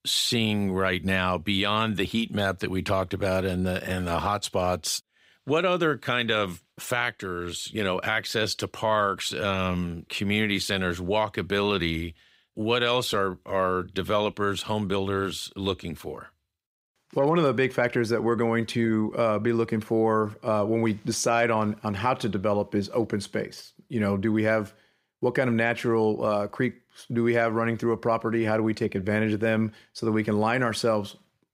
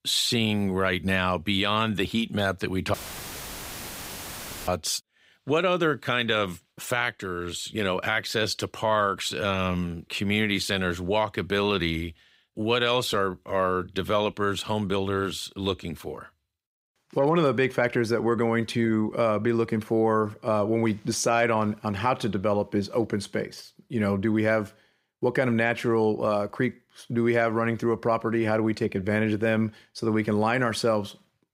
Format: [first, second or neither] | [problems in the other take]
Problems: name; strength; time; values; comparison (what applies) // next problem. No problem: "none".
first | audio cutting out; filled with static; at 3 s for 1.5 s